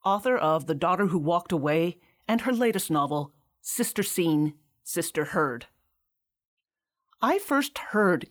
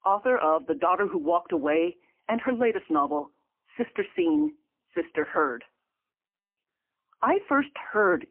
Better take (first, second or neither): first